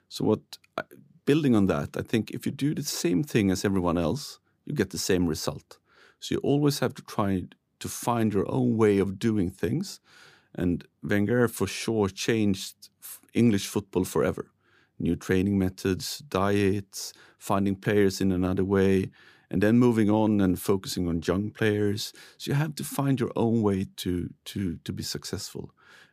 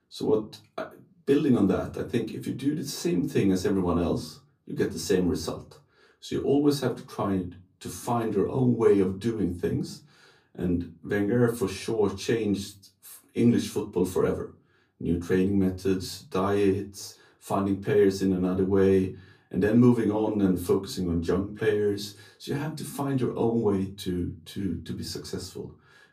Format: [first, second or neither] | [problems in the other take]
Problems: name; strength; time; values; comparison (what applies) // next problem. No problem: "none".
first | off-mic speech; far // room echo; very slight; dies away in 0.2 s